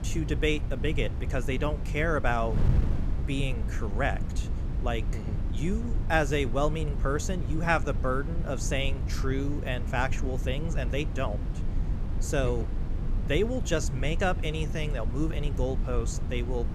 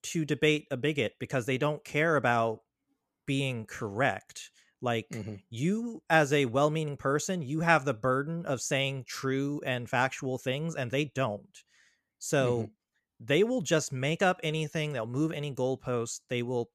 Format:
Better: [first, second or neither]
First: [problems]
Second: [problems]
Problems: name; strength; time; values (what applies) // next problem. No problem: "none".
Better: second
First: wind noise on the microphone; occasional gusts; 15 dB below the speech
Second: none